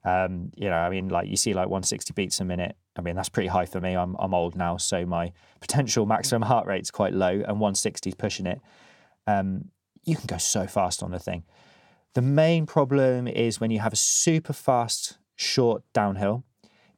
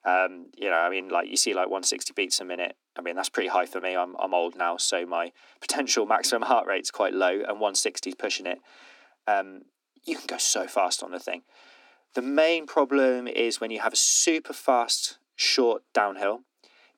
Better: first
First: none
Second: thin; somewhat; fading below 250 Hz

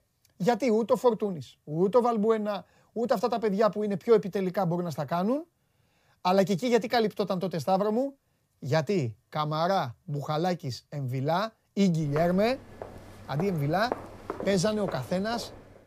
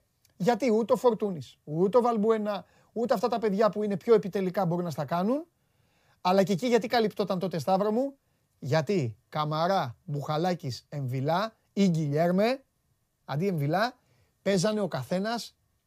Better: second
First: footsteps; noticeable; from 12 s on; peak 9 dB below the speech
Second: none

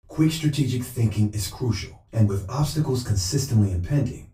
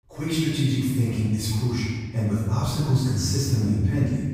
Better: first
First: room echo; slight; dies away in 0.3 s // off-mic speech; far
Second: room echo; strong; dies away in 1.5 s // off-mic speech; far

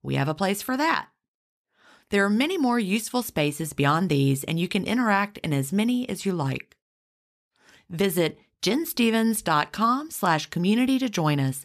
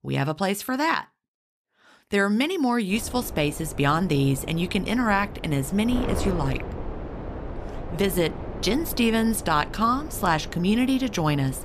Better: first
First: none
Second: wind noise on the microphone; occasional gusts; from 3 s on; 15 dB below the speech

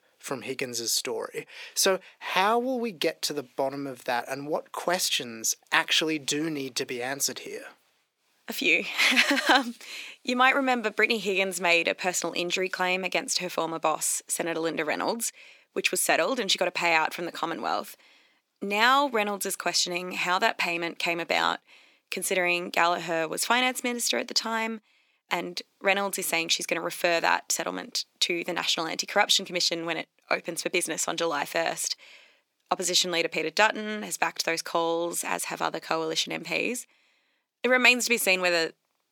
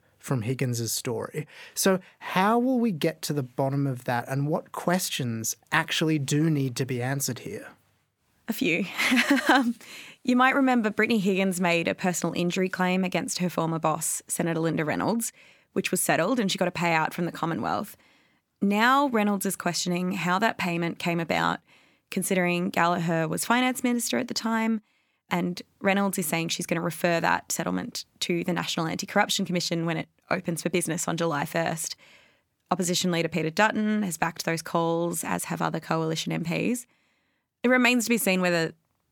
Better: second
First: thin; somewhat; fading below 400 Hz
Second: none

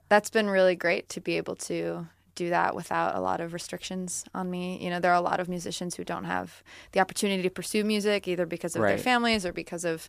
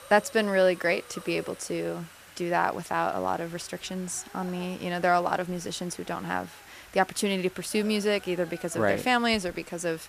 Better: first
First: none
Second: hiss; noticeable; throughout; 20 dB below the speech

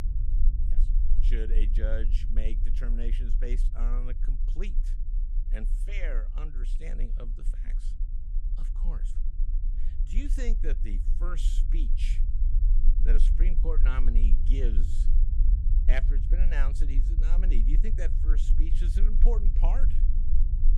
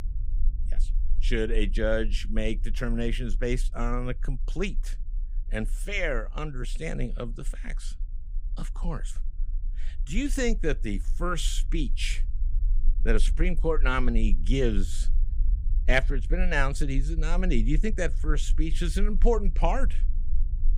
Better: second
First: low rumble; loud; throughout; 9 dB below the speech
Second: low rumble; faint; throughout; 25 dB below the speech

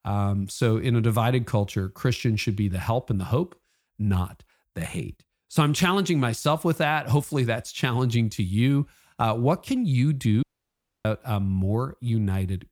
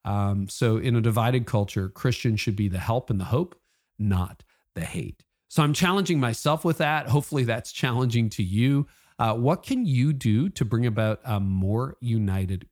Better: second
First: audio cutting out; at 10 s for 0.5 s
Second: none

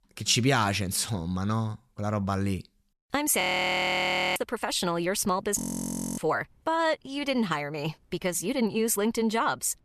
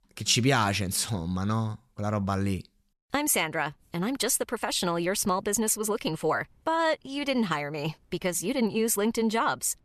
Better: second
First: audio freezing; at 3.5 s for 1 s and at 5.5 s for 0.5 s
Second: none

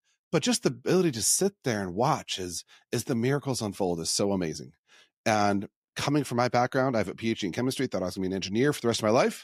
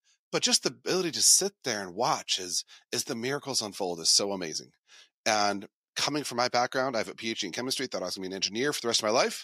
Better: first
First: none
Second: thin; very slightly; fading below 550 Hz

